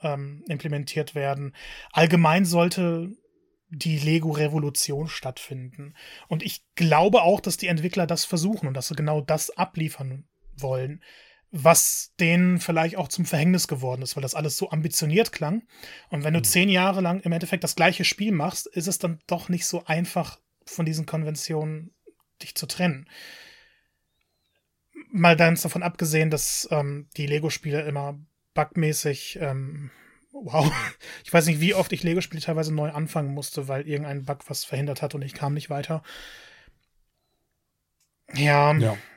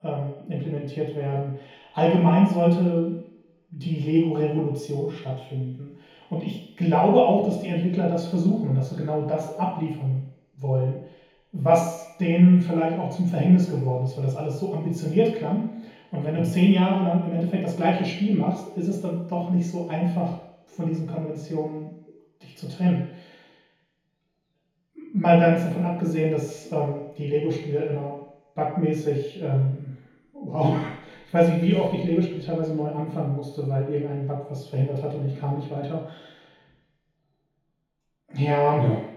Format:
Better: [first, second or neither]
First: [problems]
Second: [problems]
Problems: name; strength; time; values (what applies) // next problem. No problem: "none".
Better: first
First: none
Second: room echo; noticeable; dies away in 2 s // off-mic speech; far